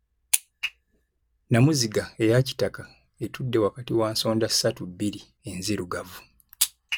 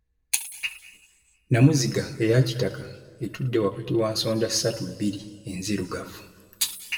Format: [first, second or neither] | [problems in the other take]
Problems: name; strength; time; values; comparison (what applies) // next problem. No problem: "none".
first | room echo; dies away in 1.5 s